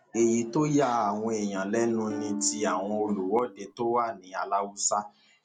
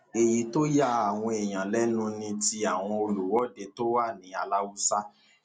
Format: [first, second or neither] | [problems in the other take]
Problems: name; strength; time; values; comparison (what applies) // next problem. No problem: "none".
second | background sound (Electric guitar / Strum); 11 dB below the speech